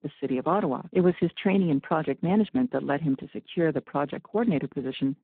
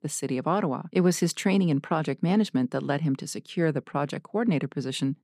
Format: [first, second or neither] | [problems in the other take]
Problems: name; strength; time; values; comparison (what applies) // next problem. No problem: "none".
second | phone-call audio; poor line